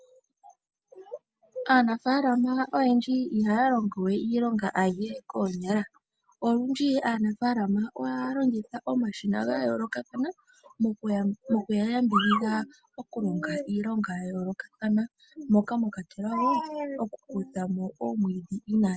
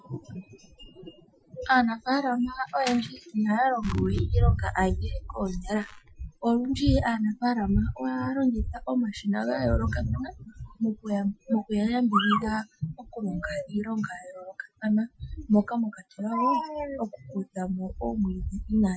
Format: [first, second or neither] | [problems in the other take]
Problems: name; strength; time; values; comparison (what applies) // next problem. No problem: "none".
first | noise reduction (classical method Wiener filter)